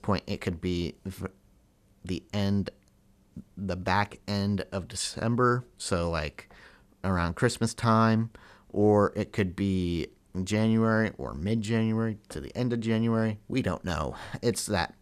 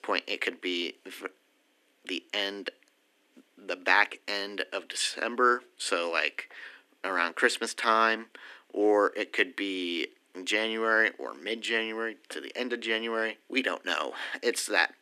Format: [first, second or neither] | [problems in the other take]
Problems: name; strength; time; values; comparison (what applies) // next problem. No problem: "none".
first | thin; very; fading below 250 Hz